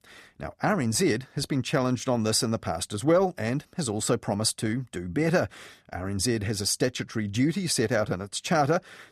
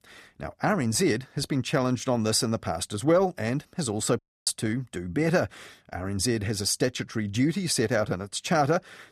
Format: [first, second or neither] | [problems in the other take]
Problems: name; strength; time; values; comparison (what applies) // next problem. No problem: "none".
first | audio cutting out; at 4 s